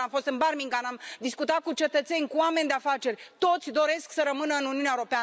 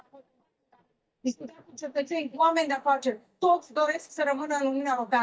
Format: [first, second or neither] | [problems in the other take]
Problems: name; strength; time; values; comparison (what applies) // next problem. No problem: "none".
first | noise reduction (neural mask model DeepFilterNet 3)